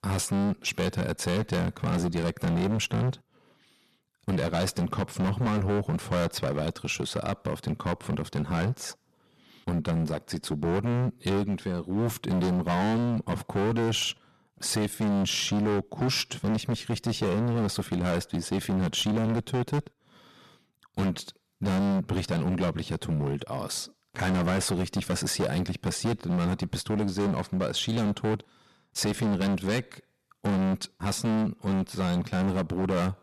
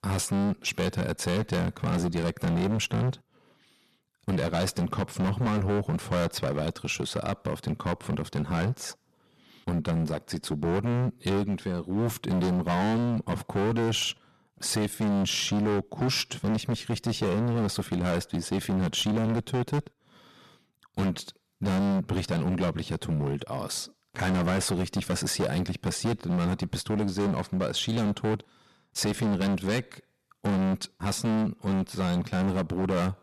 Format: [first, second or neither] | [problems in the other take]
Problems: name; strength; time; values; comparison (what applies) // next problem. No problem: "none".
neither | distortion; heavy; 22% of the sound clipped; the same in both